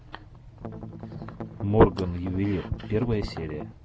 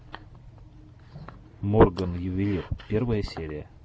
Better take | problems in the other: second | background sound (Strum); 11 dB below the speech

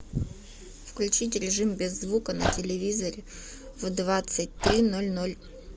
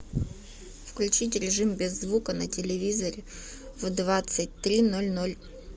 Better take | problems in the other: second | background sound (Dog); 4 dB below the speech

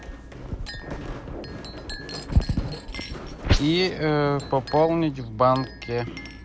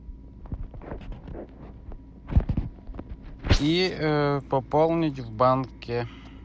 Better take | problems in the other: second | background sound (Chink, clink + Walk, footsteps); 14 dB below the speech

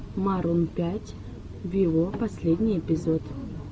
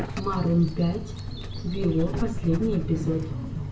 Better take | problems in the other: first | background sound (Dog); 10 dB below the speech // room echo; dies away in 0.4 s

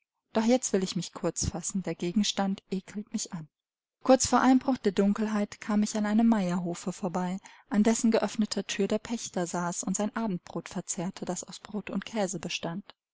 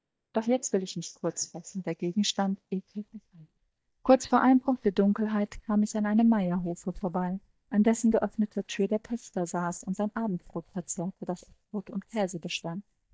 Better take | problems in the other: first | noise reduction (neural mask model DeepFilterNet 3)

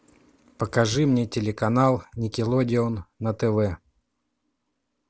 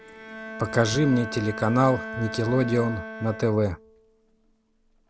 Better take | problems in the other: first | background sound (Bowed string instrument); 11 dB below the speech

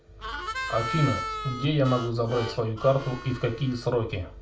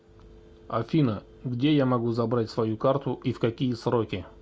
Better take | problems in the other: second | background sound (Harmonica); 8 dB below the speech // room echo; dies away in 0.3 s

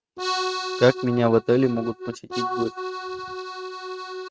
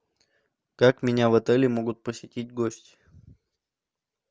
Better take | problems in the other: second | noise reduction (neural mask model RNNoise)

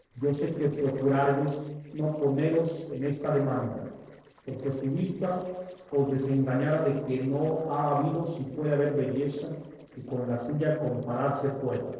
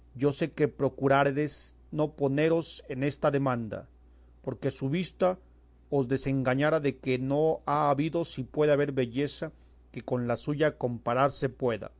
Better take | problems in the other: second | noise reduction (neural separator model SepFormer DNS4)

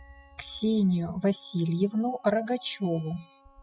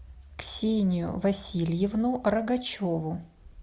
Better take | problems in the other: second | noise reduction (classical method spectral subtraction)

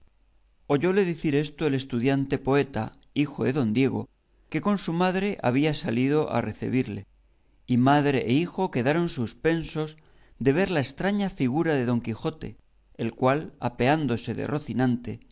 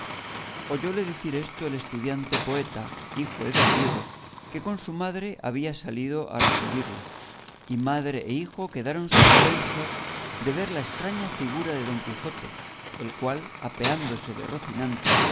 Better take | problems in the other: first | background sound (Hiss); 3 dB above the speech

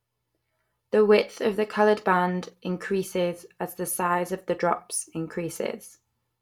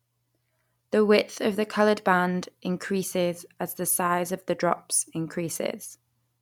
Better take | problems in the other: second | room echo; dies away in 0.2 s

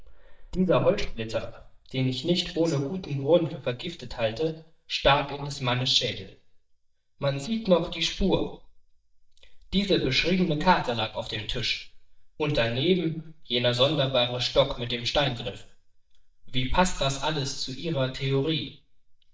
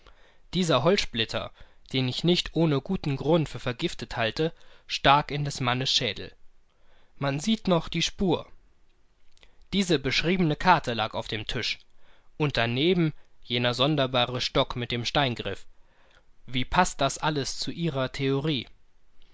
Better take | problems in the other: second | noise reduction (neural mask model DeepFilterNet 3)

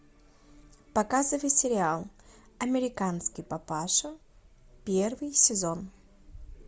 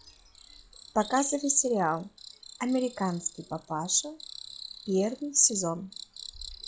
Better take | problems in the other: first | noise reduction (classical method log-MMSE)

